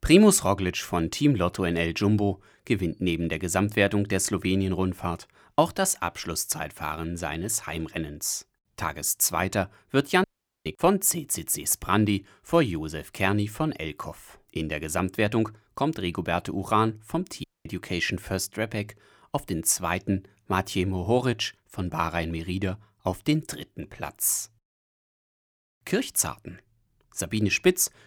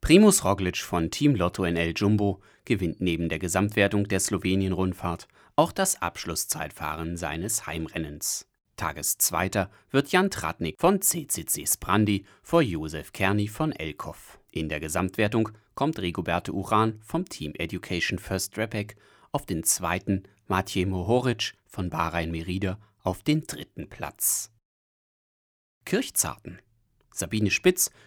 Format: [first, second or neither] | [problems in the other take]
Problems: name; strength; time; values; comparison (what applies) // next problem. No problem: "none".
second | audio cutting out; at 10 s and at 17 s